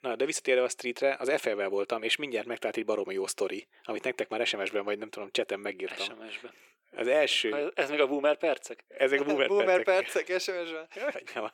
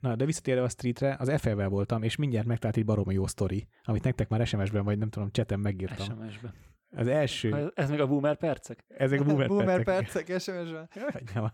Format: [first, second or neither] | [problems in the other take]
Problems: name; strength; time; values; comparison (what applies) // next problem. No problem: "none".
second | thin; very; fading below 400 Hz